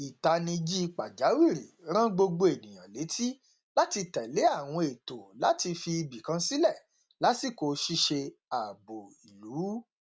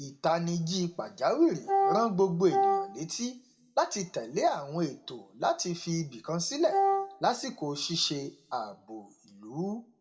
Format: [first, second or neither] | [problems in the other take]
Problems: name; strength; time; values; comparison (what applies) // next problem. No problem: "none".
first | background sound (Wind instrument, woodwind instrument); 2 dB above the speech // room echo; dies away in 0.7 s